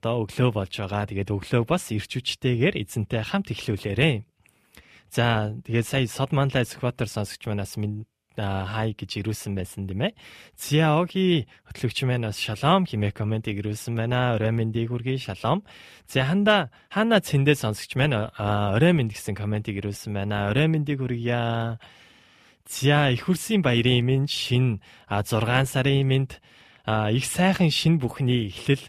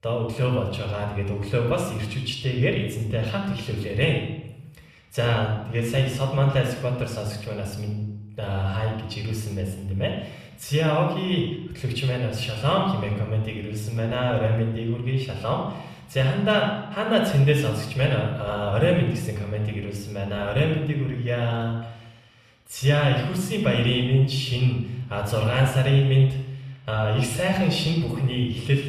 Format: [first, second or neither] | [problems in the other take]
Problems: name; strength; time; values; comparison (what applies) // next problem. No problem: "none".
first | off-mic speech; somewhat distant // room echo; noticeable; dies away in 0.8 s